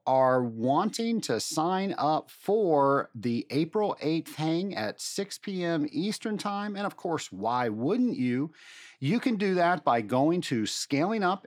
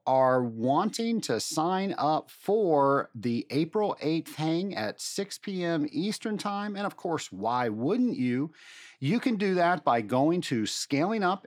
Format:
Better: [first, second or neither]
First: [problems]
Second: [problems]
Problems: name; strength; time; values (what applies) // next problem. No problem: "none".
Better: neither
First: none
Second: none